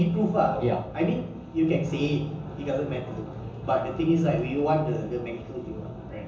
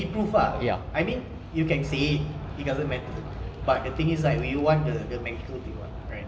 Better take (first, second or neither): second